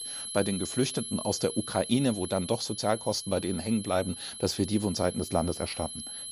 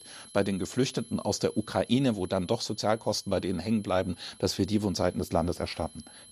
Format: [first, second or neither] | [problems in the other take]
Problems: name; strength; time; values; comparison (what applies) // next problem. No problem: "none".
second | high-pitched whine; loud; throughout; 11 kHz, 8 dB below the speech; faint in the second